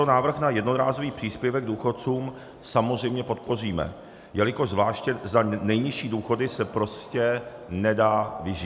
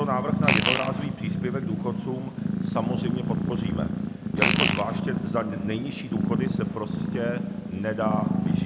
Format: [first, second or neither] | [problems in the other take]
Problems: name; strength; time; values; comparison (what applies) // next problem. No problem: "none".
first | background sound (Fart + Purr); 5 dB above the speech